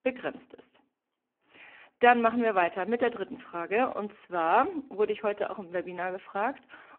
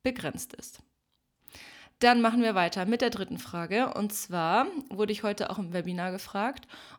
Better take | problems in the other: second | phone-call audio; poor line

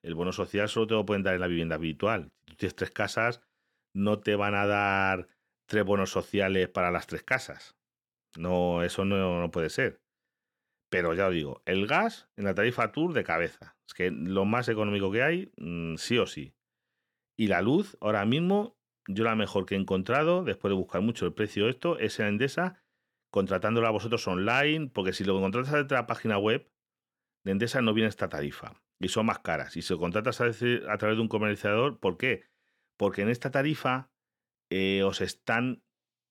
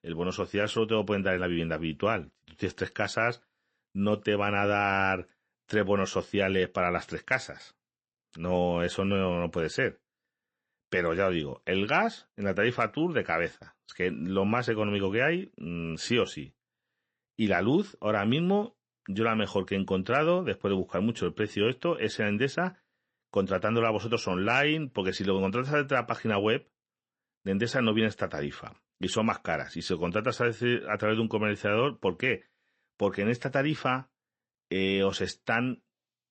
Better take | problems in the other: first | garbled, watery; slightly; nothing above 8 kHz

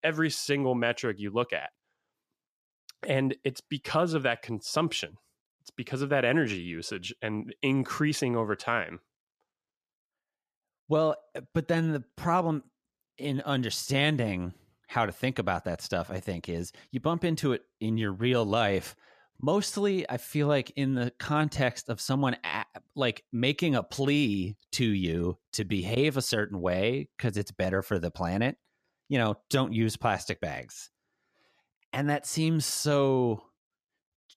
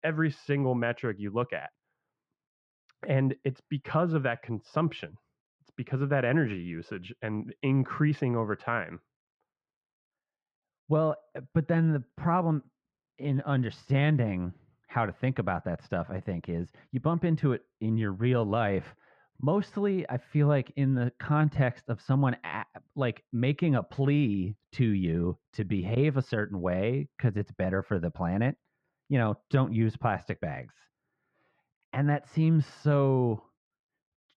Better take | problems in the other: first | muffled; very; fading above 1.5 kHz

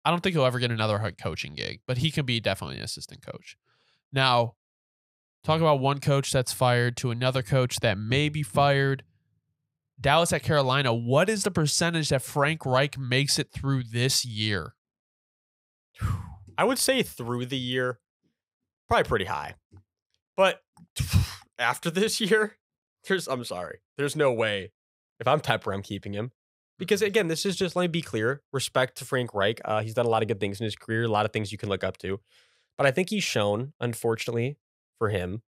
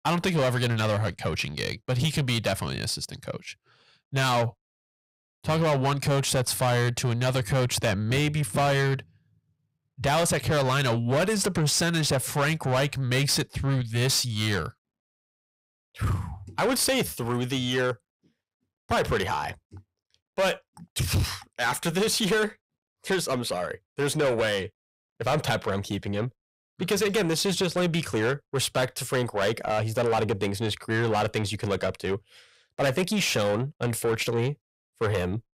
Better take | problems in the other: first | distortion; heavy; 7 dB below the speech

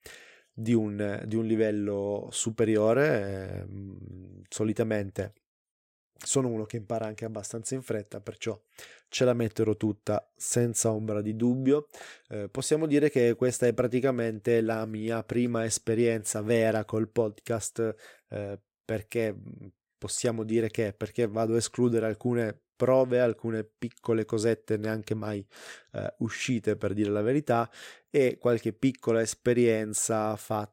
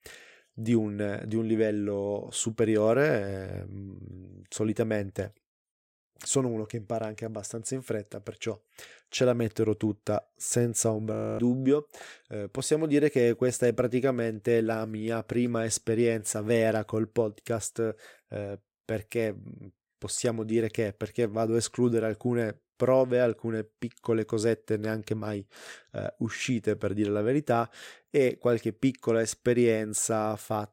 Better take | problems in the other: first | audio freezing; at 11 s

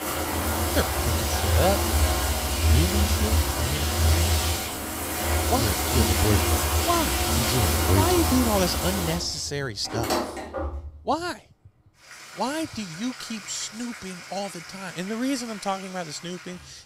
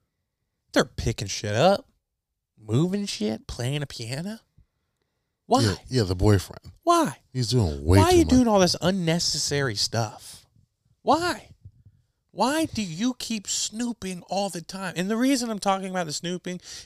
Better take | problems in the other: second | household noises; very loud; throughout; 5 dB above the speech

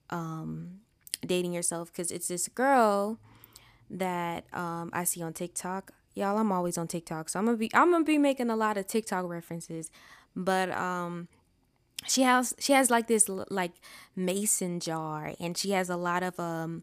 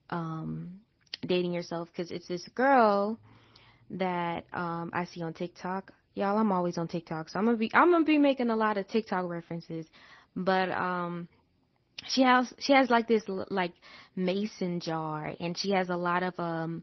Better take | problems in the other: first | garbled, watery; slightly; nothing above 6 kHz

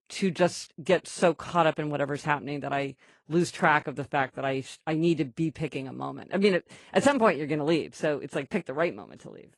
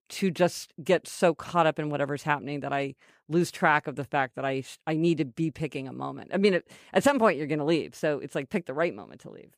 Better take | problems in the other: second | garbled, watery; slightly

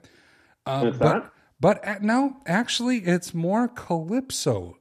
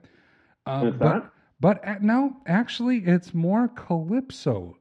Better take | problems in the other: first | muffled; slightly; fading above 3 kHz

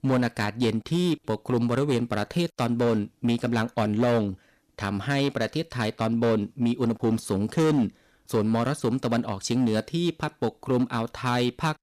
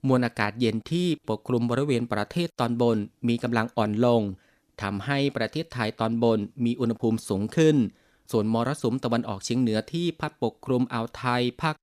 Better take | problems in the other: second | distortion; slight; 8% of the sound clipped

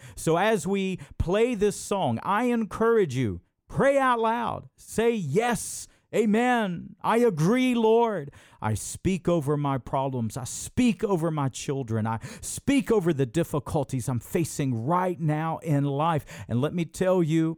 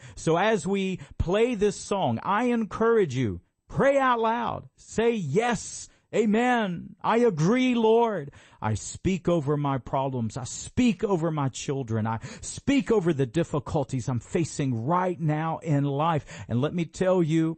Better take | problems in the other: first | garbled, watery; slightly; nothing above 8 kHz

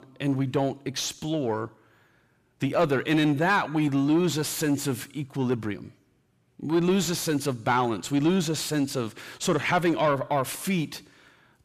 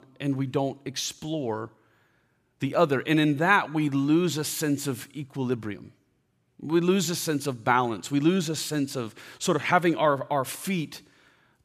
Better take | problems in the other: second | distortion; slight; 10 dB below the speech

